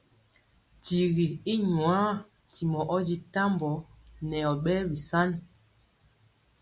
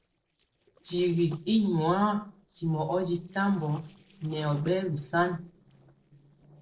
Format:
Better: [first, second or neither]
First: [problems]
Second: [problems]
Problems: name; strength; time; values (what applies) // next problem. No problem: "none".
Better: first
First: none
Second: noise reduction (neural separator model SepFormer DNS4)